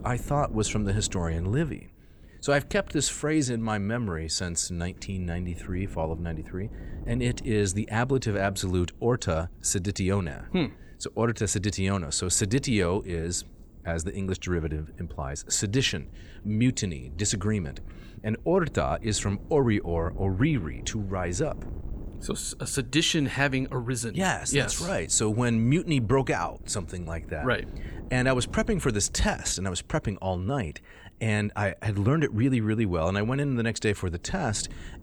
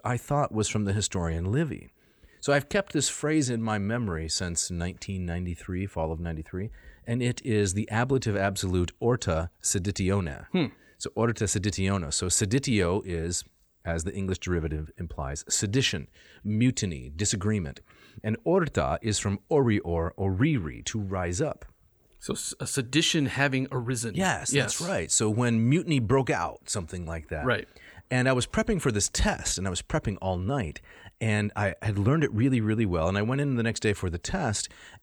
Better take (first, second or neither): second